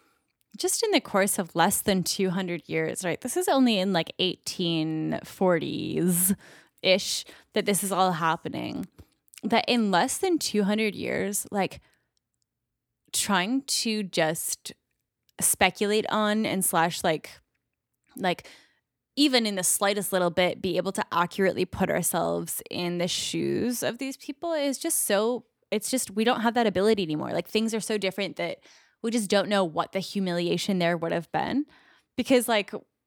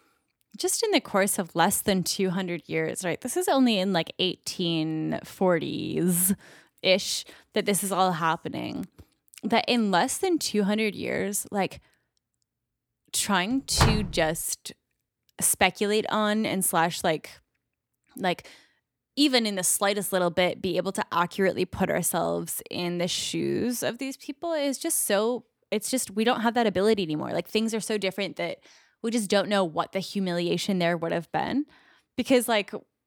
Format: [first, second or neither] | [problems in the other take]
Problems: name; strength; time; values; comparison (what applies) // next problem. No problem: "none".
first | door banging; loud; at 14 s; peak 1 dB above the speech